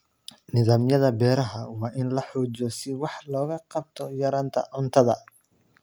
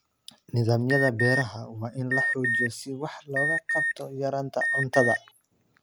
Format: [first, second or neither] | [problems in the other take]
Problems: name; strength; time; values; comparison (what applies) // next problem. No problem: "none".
first | background sound (Alarm); 2 dB below the speech